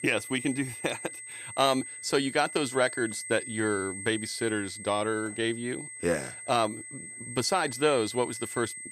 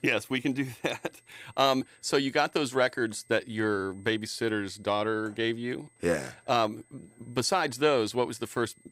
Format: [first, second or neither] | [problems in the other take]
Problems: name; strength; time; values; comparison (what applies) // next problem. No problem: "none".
second | high-pitched whine; loud; throughout; 8.5 kHz, 9 dB below the speech; faint in the second